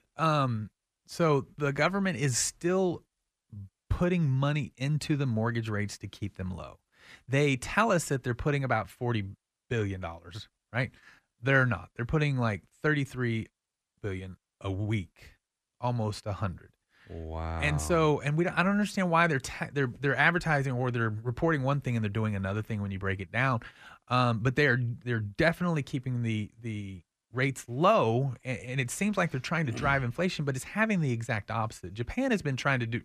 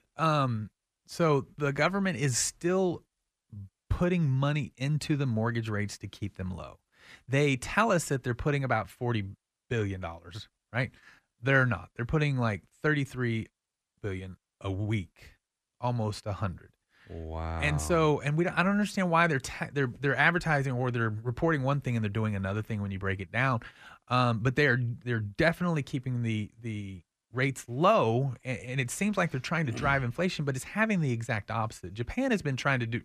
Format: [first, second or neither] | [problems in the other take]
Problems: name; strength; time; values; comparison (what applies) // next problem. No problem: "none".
neither | none